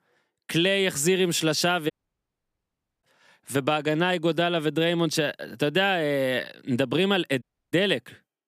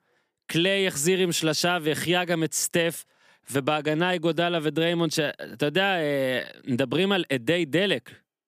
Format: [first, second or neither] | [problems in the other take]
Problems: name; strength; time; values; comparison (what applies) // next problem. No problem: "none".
second | audio cutting out; at 2 s for 1 s and at 7.5 s